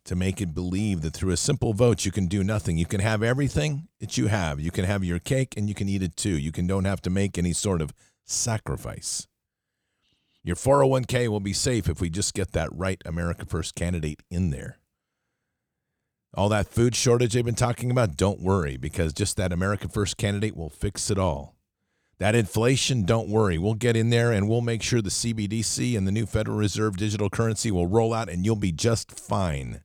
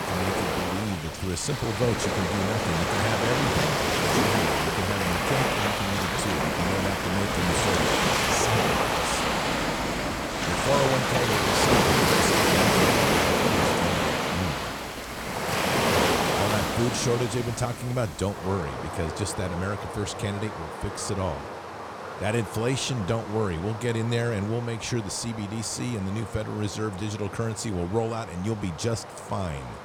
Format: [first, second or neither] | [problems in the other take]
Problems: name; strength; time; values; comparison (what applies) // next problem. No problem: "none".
first | rain or running water; very loud; throughout; 5 dB above the speech